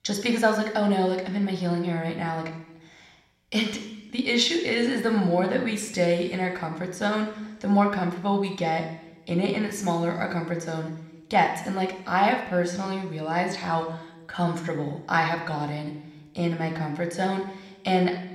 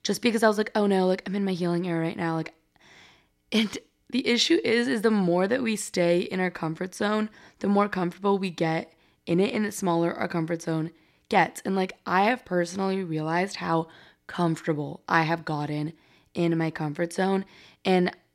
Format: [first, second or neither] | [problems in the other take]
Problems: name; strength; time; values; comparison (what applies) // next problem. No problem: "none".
second | room echo; slight; dies away in 1 s